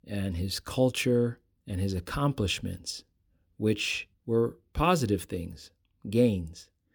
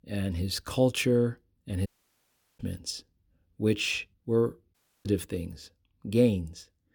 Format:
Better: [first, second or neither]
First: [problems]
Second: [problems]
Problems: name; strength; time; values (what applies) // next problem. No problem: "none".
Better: first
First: none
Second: audio cutting out; at 2 s for 0.5 s and at 4.5 s